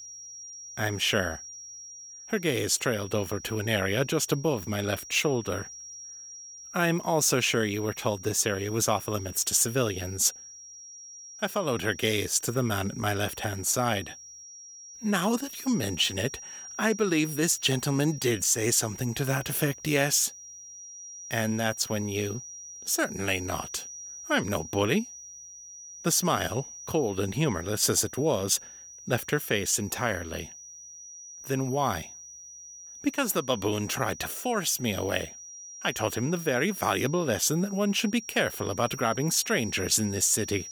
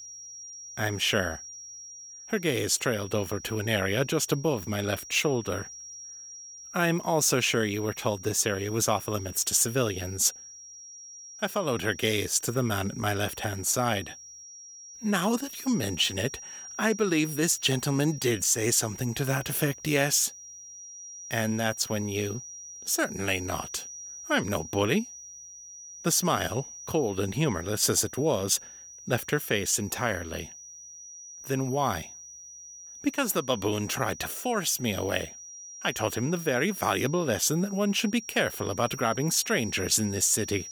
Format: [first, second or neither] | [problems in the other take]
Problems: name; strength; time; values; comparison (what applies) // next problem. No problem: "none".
neither | high-pitched whine; noticeable; throughout; 5.5 kHz, 15 dB below the speech; the same in both